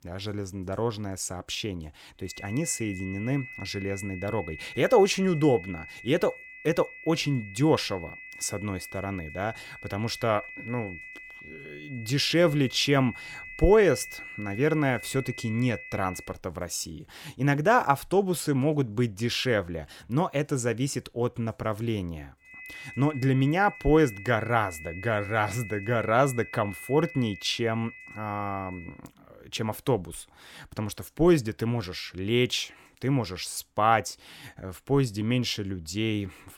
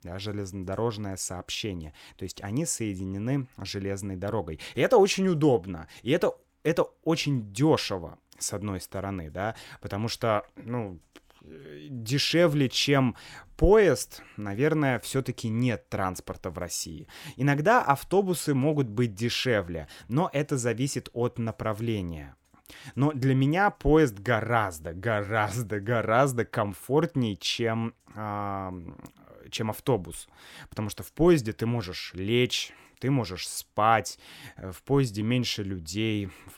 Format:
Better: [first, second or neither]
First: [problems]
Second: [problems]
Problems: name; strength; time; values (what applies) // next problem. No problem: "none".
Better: second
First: high-pitched whine; noticeable; from 2.5 to 16 s and from 23 to 29 s; 2 kHz, 15 dB below the speech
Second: none